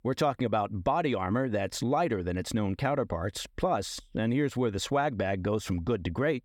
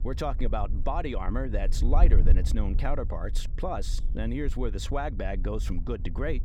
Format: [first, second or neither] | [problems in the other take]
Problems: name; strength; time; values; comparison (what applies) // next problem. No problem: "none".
first | wind noise on the microphone; occasional gusts; 15 dB below the speech